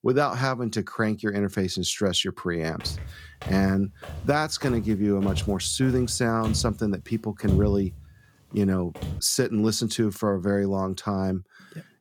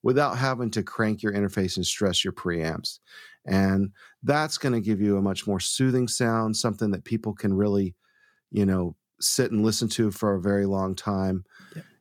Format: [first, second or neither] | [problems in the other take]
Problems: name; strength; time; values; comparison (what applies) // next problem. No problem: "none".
second | footsteps; noticeable; from 3 to 9 s; peak level with the speech